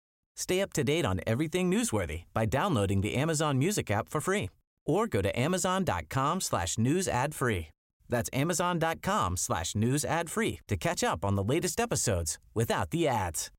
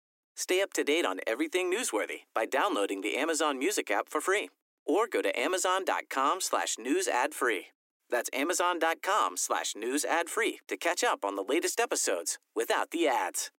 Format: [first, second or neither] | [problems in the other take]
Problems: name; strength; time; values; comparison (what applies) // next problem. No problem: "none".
first | thin; somewhat; fading below 300 Hz